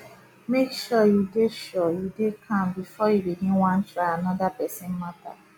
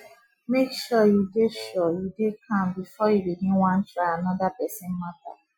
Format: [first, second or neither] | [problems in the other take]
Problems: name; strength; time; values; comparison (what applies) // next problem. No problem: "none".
first | noise reduction (classical method Wiener filter)